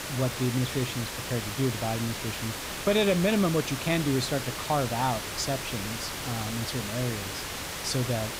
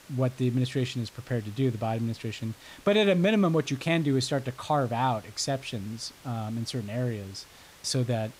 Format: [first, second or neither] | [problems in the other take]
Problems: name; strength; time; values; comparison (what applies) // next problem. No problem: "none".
second | hiss; loud; throughout; 4 dB below the speech; faint in the second